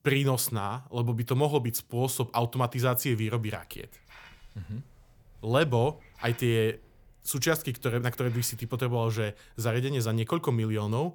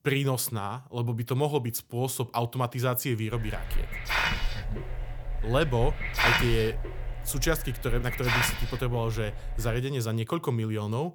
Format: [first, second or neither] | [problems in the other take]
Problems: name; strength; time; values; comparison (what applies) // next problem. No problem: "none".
first | hiss; loud; from 3.5 to 10 s; 2 dB below the speech; faint in the first